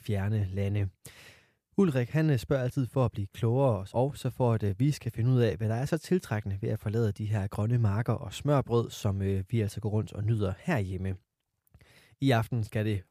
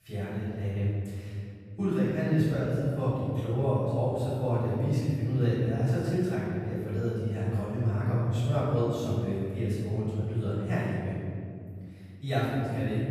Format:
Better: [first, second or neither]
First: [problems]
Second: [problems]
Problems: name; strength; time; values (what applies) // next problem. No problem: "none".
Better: first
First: none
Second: off-mic speech; far // room echo; strong; dies away in 2.3 s